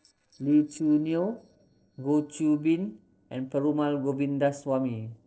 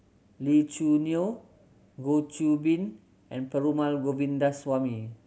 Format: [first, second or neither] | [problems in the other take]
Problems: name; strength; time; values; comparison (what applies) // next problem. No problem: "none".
second | noise reduction (neural separator model SepFormer DNS4)